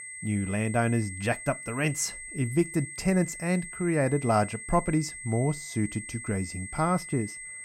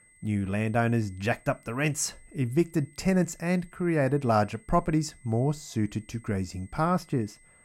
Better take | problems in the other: second | high-pitched whine; loud; throughout; 2 kHz, 10 dB below the speech; faint in the second

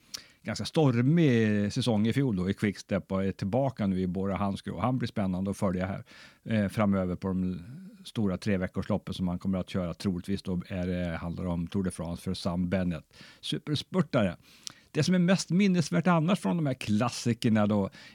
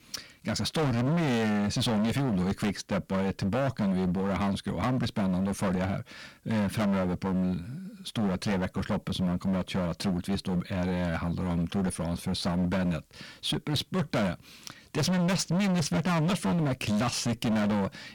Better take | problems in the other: first | distortion; heavy; 25% of the sound clipped

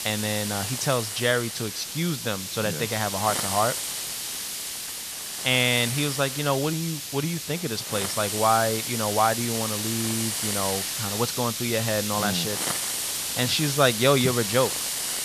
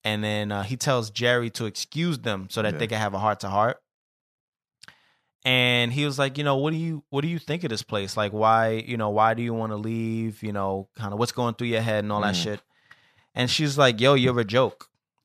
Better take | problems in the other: second | hiss; loud; throughout; 2 dB below the speech

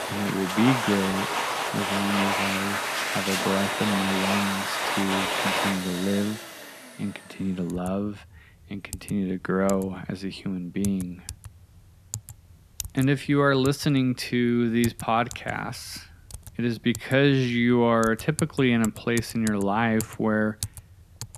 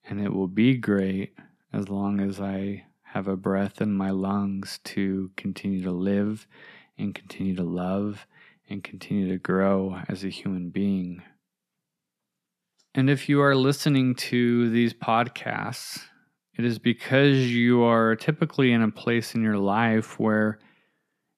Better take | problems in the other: second | household noises; loud; throughout; 3 dB below the speech

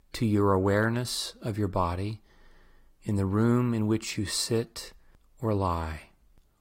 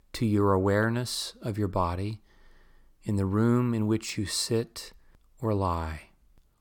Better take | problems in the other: second | garbled, watery; slightly; nothing above 15.5 kHz

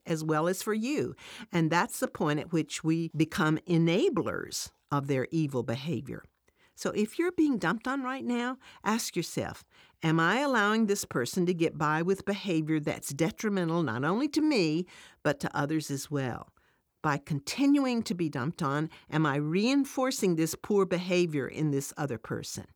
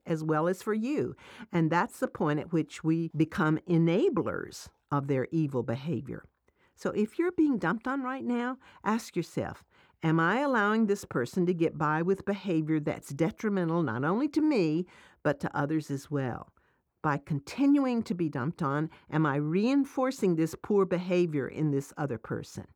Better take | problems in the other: first | muffled; slightly; fading above 2.5 kHz

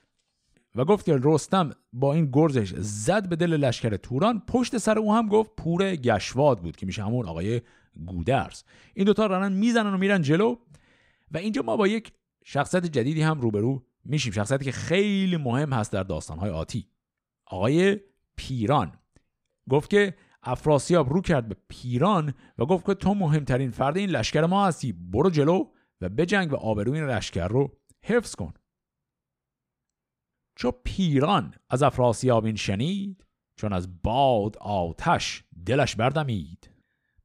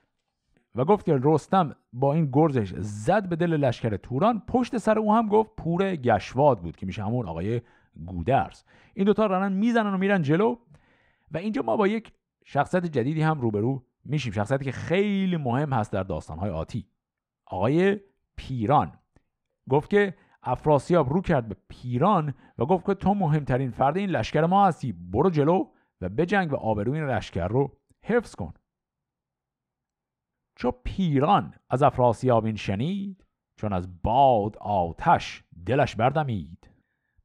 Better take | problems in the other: first | muffled; slightly; fading above 3.5 kHz

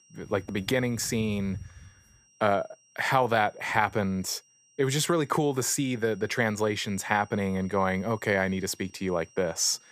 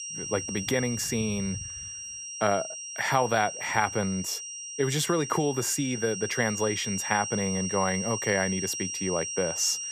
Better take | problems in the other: first | high-pitched whine; loud; throughout; 5.5 kHz, 5 dB below the speech; faint in the first

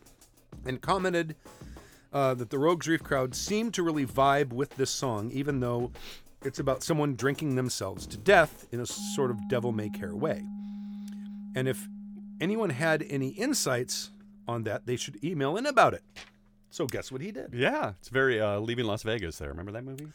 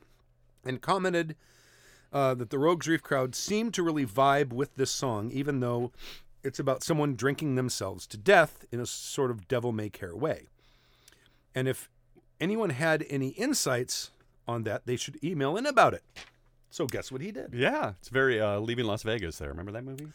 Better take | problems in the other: second | background music; noticeable; throughout; 15 dB below the speech

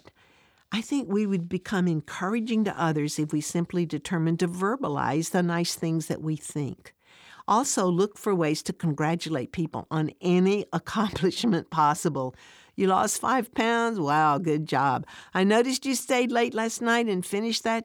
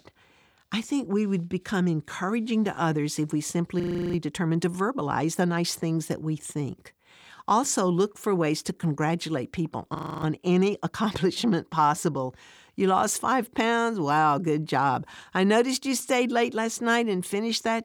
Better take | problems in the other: first | audio freezing; at 4 s and at 10 s

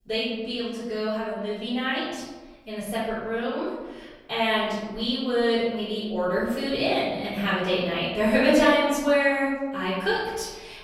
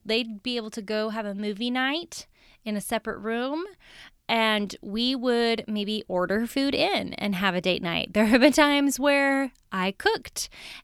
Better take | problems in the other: second | off-mic speech; far // room echo; noticeable; dies away in 1.2 s

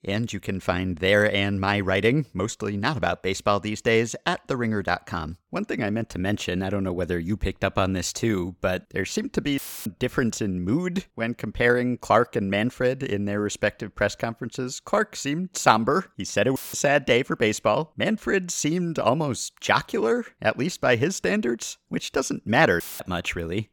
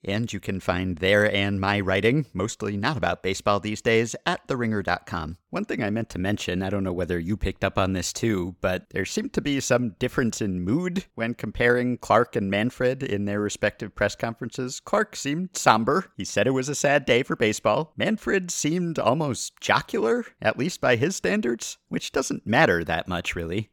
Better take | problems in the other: second | audio cutting out; filled with static; at 9.5 s, at 17 s and at 23 s

